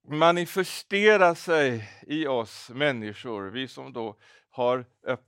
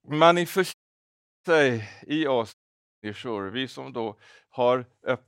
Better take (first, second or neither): first